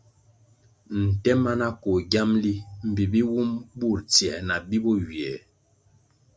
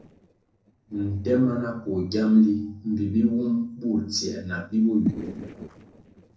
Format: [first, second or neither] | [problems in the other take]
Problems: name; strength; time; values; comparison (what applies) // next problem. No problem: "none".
first | noise reduction (neural separator model SepFormer DNS4)